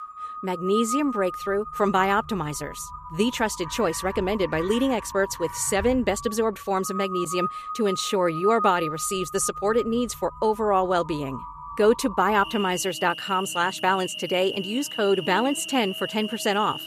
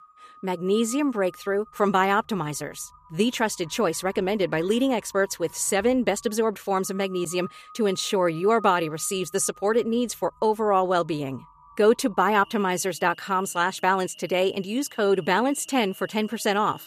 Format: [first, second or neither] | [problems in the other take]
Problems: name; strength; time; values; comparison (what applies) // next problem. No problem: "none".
second | animal sounds; loud; throughout; 10 dB below the speech; faint in the second